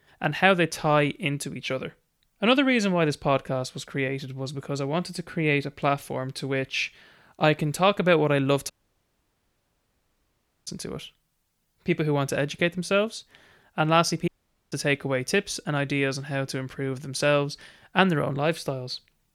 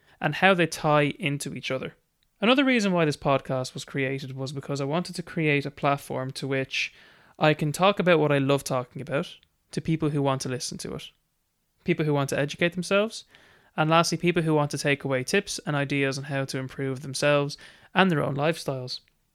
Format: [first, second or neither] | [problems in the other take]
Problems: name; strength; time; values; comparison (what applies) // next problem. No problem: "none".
second | audio cutting out; at 8.5 s for 2 s and at 14 s